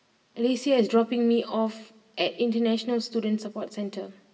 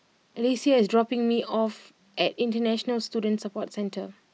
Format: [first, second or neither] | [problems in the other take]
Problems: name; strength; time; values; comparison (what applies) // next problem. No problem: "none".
second | room echo; dies away in 0.7 s